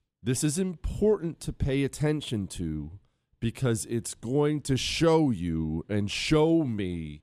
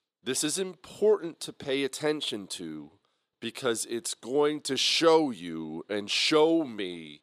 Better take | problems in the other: first | thin; somewhat; fading below 450 Hz

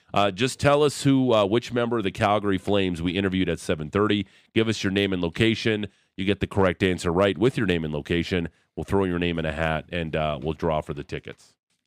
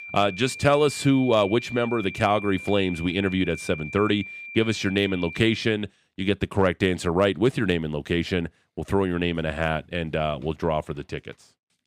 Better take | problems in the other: first | high-pitched whine; noticeable; until 5.5 s; 2.5 kHz, 10 dB below the speech

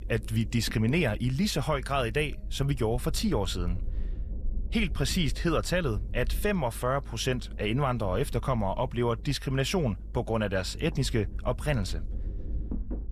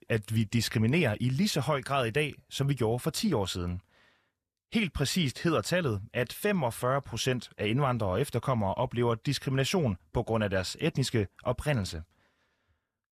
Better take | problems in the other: second | low rumble; faint; throughout; 25 dB below the speech

